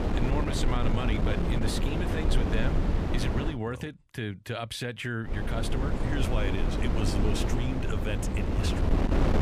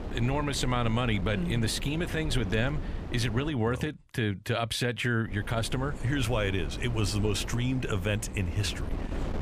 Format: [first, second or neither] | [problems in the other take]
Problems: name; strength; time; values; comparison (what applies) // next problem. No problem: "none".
second | wind noise on the microphone; heavy; until 3.5 s and from 5.5 s on; as loud as the speech; occasional gusts in the second